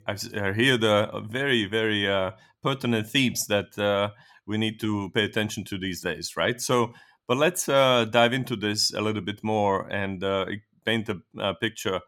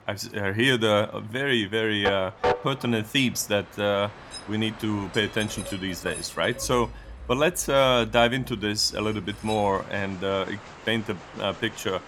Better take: first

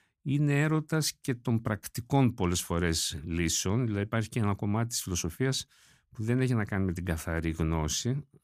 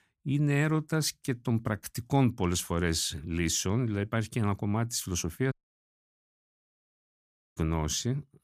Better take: first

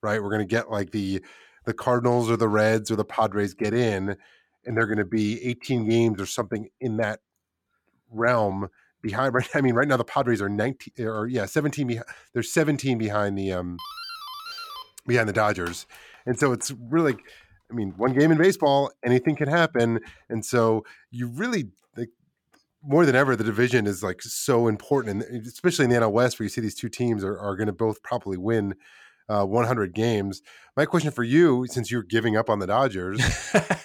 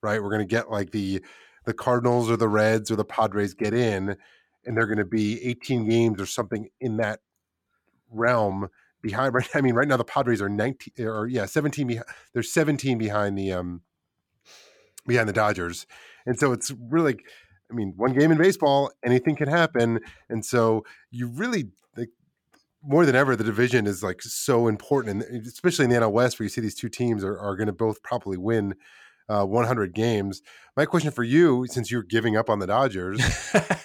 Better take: second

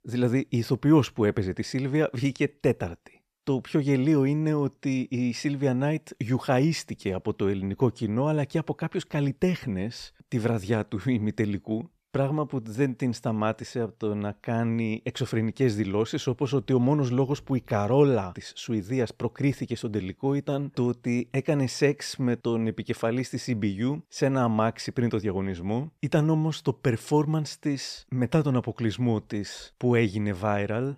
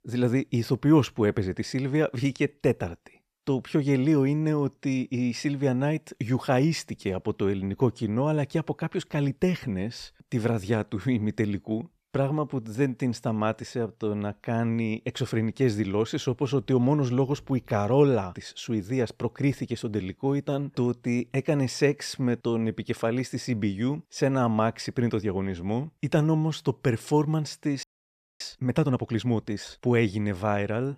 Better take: first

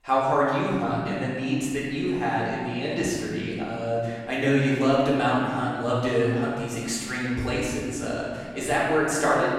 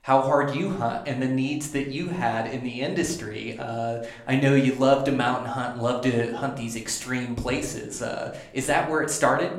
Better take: second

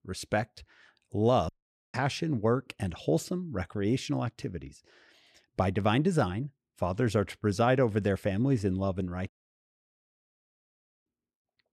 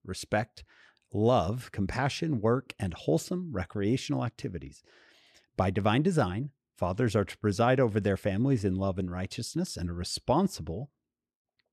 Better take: second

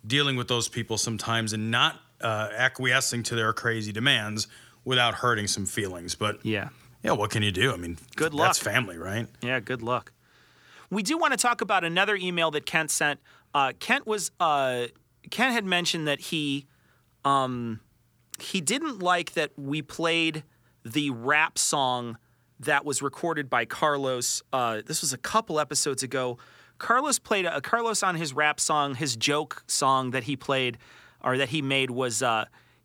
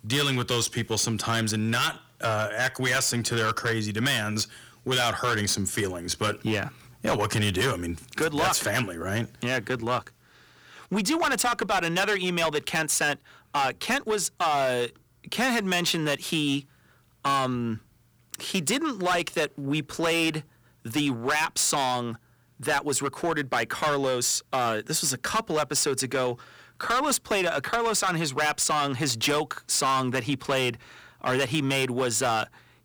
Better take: first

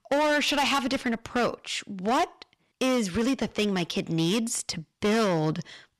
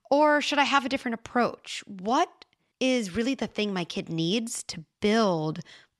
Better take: second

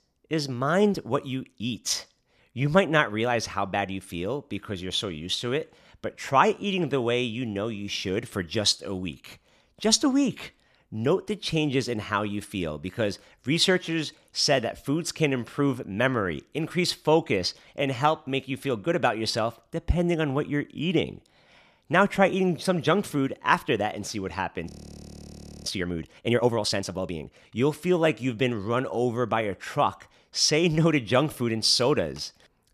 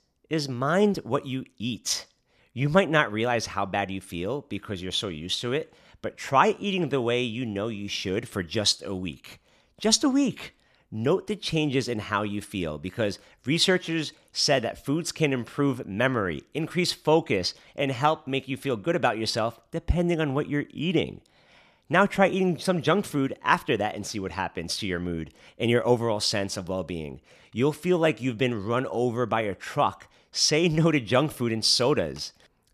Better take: second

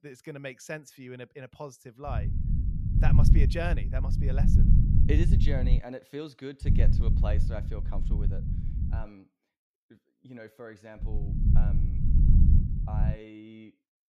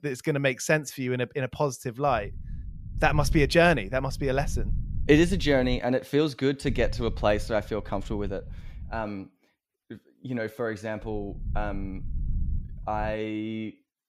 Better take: second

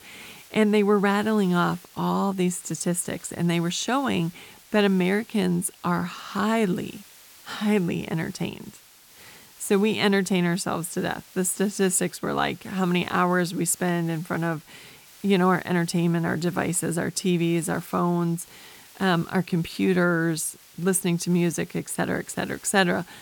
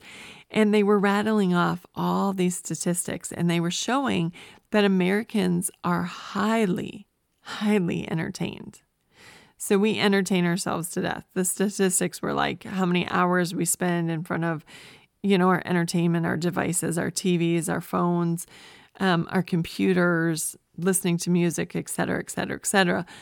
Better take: second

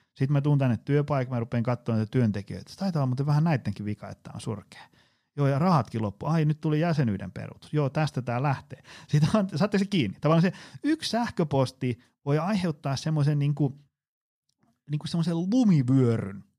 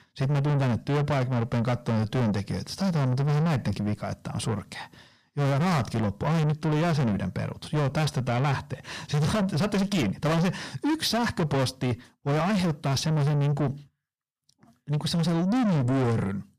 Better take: first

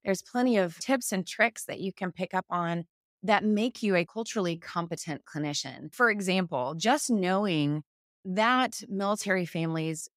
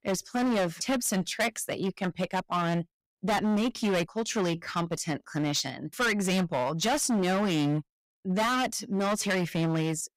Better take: first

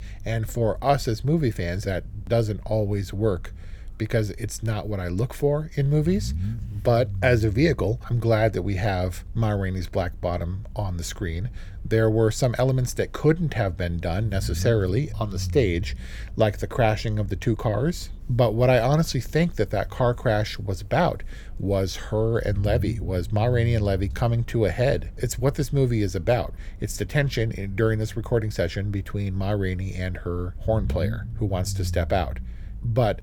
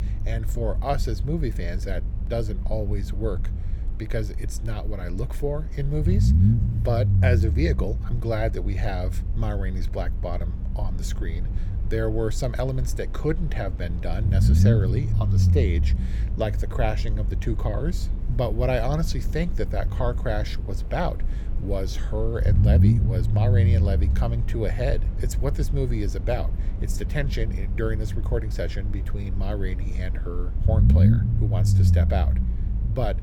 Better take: first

